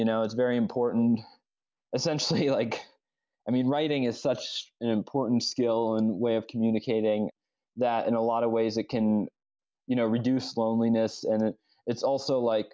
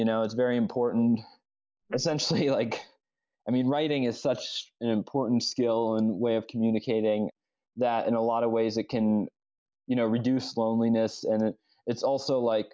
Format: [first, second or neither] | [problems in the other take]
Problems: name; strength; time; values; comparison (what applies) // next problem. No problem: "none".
first | noise reduction (neural mask model Resemble Enhance denoiser)